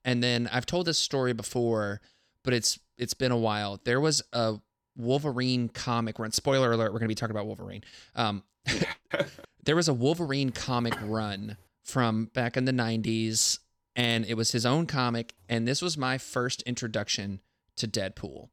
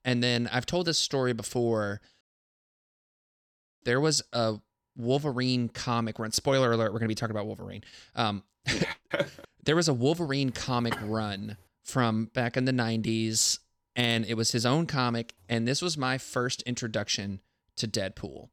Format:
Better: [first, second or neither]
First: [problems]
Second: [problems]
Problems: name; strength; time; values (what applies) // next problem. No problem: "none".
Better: first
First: none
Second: audio cutting out; at 2 s for 1.5 s